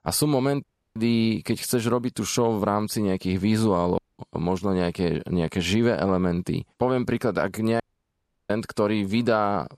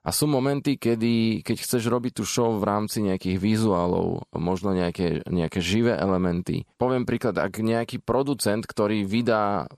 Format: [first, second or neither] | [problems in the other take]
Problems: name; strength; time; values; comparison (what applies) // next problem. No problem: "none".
second | audio cutting out; at 0.5 s, at 4 s and at 8 s for 0.5 s